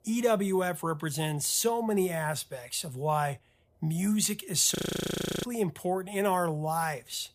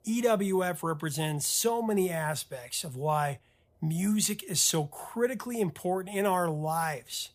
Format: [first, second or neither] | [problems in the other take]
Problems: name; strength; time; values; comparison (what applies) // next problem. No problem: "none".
second | audio freezing; at 5 s for 0.5 s